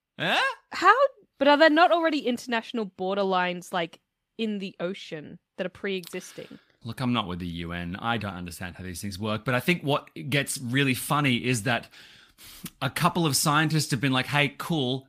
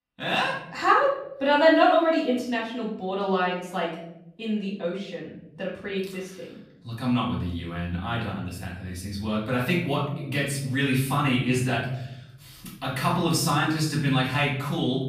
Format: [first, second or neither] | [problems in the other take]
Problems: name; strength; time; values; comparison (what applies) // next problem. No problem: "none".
first | off-mic speech; far // room echo; noticeable; dies away in 1.1 s